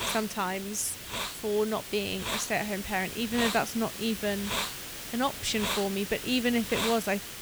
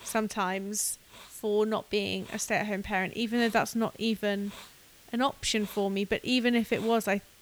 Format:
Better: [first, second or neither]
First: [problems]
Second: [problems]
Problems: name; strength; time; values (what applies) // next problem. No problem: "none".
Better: second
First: hiss; loud; throughout; 4 dB below the speech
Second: hiss; faint; throughout; 20 dB below the speech